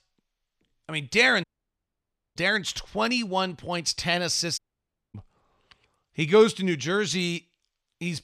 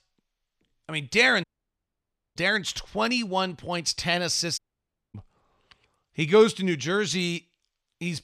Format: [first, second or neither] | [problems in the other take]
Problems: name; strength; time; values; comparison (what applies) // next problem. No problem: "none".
neither | audio cutting out; at 1.5 s for 1 s and at 4.5 s for 0.5 s; the same in both